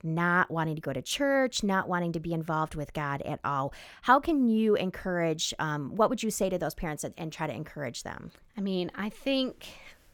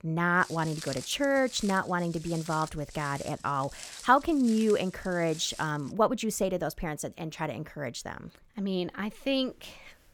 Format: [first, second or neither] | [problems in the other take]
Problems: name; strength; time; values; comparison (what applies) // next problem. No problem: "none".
first | footsteps; noticeable; until 6 s; peak 10 dB below the speech